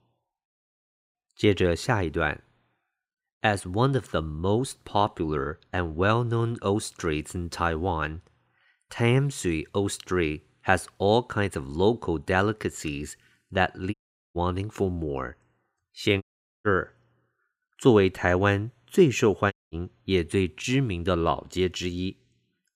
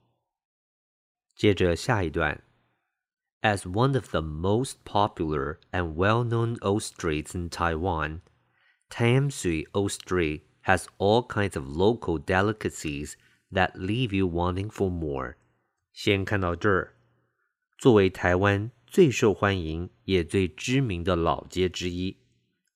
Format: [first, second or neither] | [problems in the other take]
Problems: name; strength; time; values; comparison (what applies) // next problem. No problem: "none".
second | audio cutting out; at 14 s, at 16 s and at 20 s